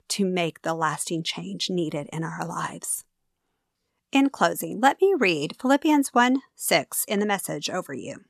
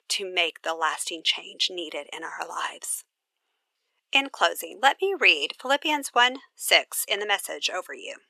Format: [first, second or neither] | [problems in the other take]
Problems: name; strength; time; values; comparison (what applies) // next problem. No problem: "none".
first | thin; very; fading below 400 Hz